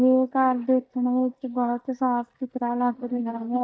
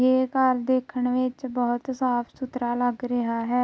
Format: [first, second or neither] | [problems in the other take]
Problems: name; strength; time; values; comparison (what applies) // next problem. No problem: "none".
second | noise reduction (neural mask model DeepFilterNet 3)